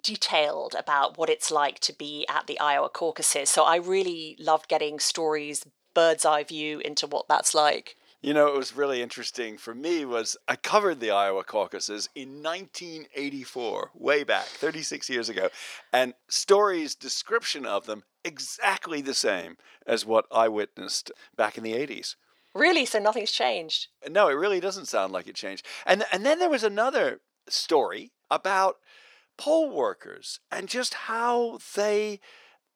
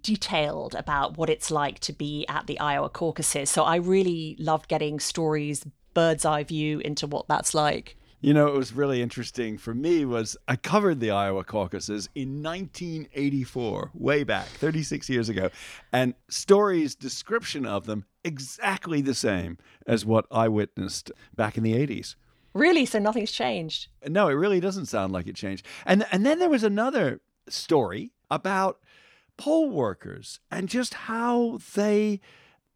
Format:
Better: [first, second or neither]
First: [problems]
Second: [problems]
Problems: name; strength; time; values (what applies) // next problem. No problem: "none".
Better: second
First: thin; somewhat; fading below 550 Hz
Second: none